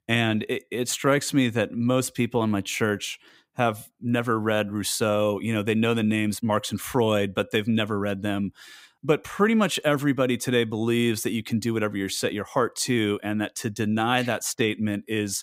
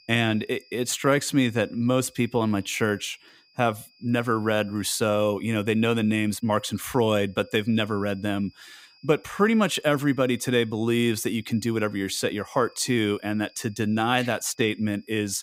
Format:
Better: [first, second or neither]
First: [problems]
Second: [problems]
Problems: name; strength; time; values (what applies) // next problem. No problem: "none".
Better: first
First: none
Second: high-pitched whine; faint; throughout; 5 kHz, 30 dB below the speech